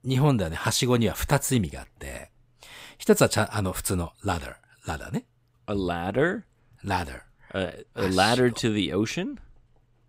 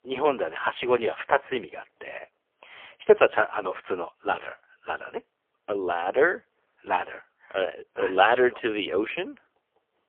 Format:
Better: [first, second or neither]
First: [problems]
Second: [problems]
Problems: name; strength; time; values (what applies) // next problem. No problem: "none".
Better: first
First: none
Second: phone-call audio; poor line; nothing above 3 kHz